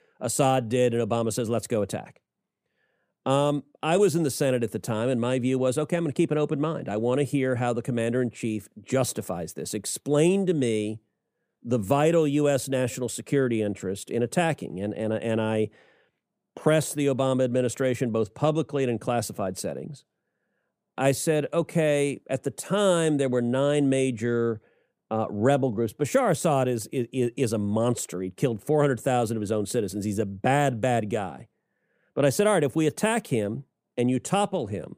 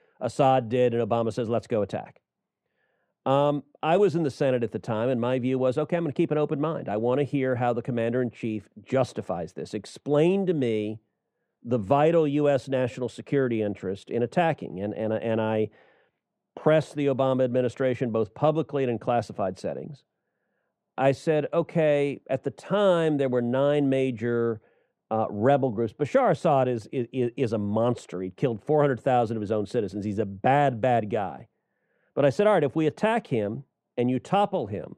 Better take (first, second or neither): first